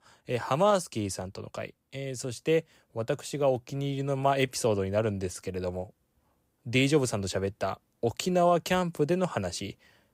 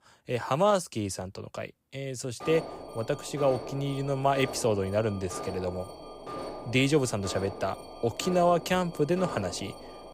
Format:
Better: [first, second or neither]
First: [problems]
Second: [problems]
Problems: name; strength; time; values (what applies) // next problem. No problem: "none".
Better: first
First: none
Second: alarm; noticeable; from 2.5 s on; peak 9 dB below the speech